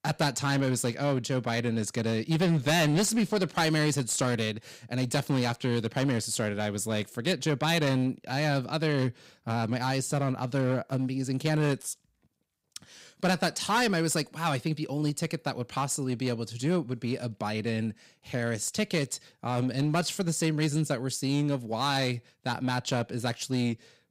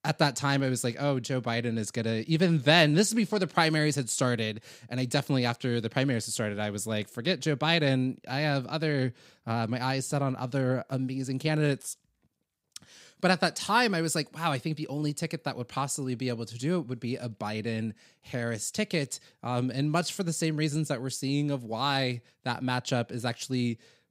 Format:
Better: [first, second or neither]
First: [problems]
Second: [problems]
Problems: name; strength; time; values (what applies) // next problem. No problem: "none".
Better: second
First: distortion; slight; 8% of the sound clipped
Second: none